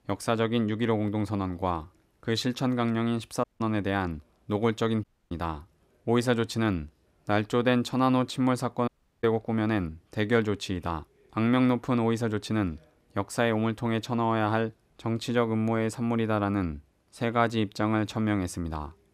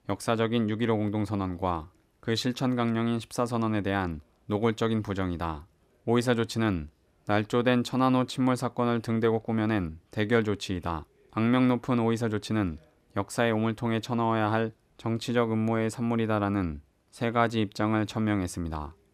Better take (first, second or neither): second